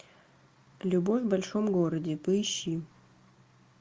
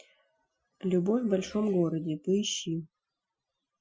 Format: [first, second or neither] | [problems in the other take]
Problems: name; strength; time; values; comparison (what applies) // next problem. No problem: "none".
first | noise reduction (classical method Wiener filter)